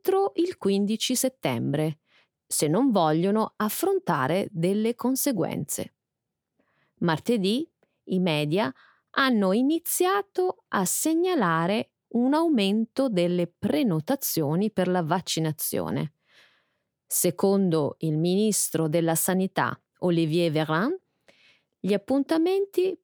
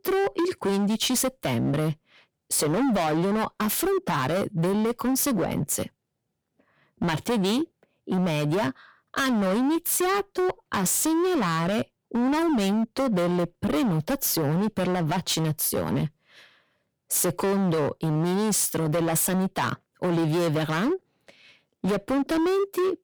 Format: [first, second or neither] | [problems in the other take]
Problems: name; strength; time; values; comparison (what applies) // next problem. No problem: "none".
first | distortion; heavy; 25% of the sound clipped